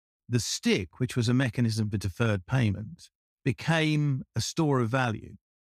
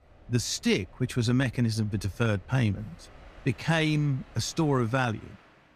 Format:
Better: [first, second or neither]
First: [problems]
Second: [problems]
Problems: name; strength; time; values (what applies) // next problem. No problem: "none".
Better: first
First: none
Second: train or aircraft noise; faint; throughout; 25 dB below the speech